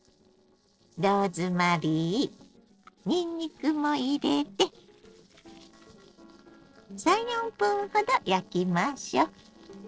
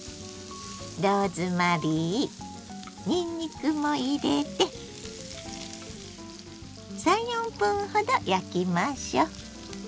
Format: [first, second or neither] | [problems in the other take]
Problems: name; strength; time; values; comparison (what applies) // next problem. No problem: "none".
second | noise reduction (neural separator model SepFormer DNS4)